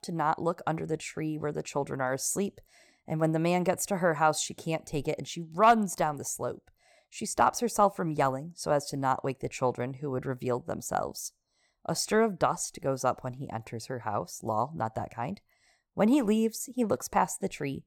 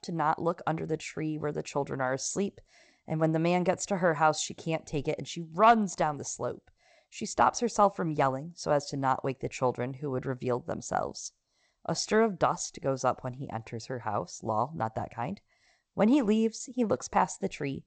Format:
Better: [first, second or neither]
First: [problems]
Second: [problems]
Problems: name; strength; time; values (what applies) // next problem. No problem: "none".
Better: first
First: none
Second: garbled, watery; slightly; nothing above 8 kHz